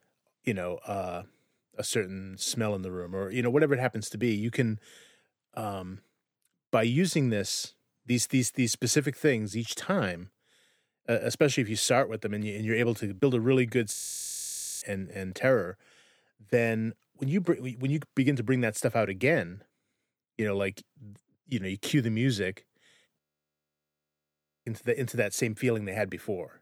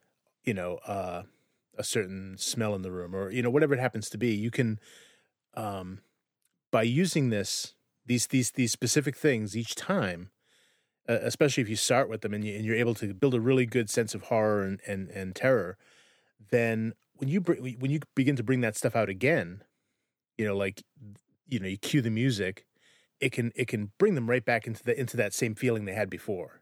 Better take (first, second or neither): second